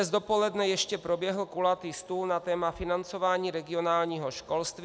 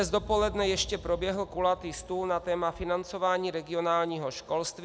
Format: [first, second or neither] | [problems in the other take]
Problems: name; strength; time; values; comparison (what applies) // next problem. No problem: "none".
first | background sound (Boom); 16 dB below the speech